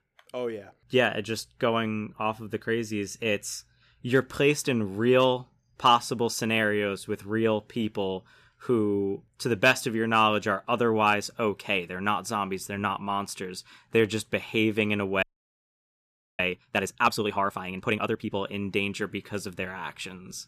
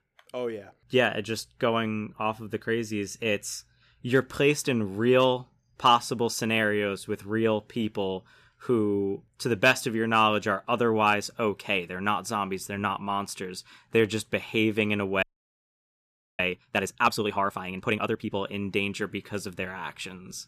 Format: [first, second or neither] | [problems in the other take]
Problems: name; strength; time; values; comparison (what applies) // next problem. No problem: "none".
neither | audio freezing; at 15 s for 1 s; the same in both